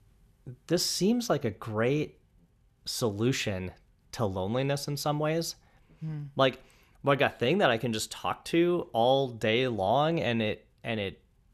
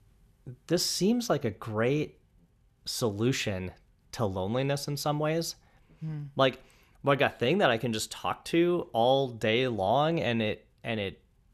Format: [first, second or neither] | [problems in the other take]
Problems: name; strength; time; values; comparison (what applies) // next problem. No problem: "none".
neither | none